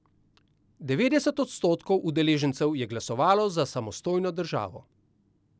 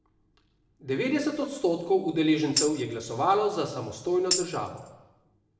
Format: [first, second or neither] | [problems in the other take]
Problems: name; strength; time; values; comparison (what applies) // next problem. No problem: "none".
first | background sound (Tambourine); 6 dB below the speech // room echo; dies away in 0.9 s